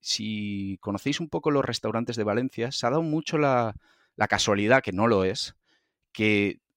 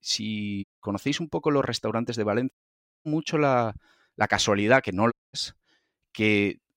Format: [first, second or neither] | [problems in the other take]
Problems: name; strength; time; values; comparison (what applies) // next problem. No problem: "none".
first | audio cutting out; at 0.5 s, at 2.5 s for 0.5 s and at 5 s